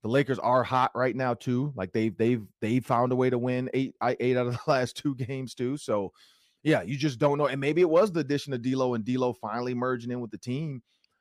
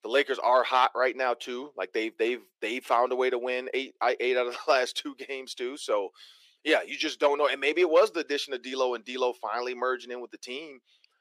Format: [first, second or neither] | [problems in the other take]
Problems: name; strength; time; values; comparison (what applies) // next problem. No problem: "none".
first | thin; very; fading below 350 Hz